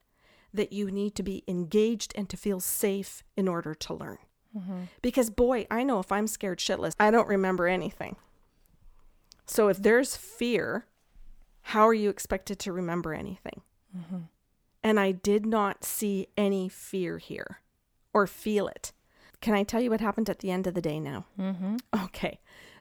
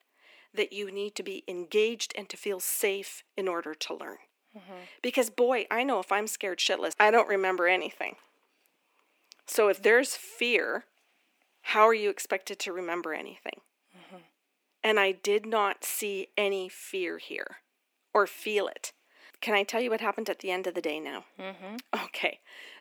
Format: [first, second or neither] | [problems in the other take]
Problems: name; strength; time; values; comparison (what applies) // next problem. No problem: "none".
first | thin; somewhat; fading below 300 Hz